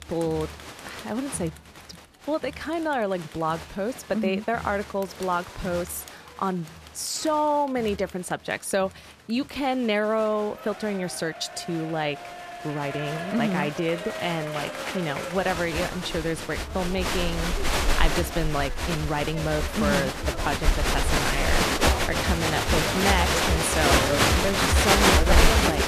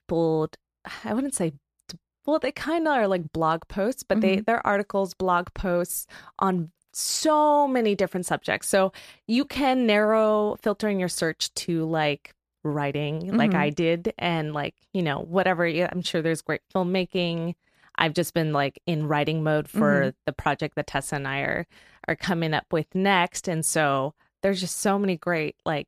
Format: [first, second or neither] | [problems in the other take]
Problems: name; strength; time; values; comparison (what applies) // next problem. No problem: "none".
second | crowd noise; very loud; throughout; 3 dB above the speech